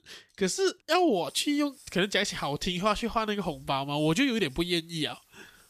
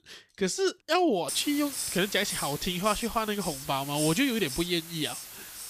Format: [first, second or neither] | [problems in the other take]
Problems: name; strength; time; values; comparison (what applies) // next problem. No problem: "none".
first | hiss; loud; from 1.5 s on; 7 dB below the speech; faint in the first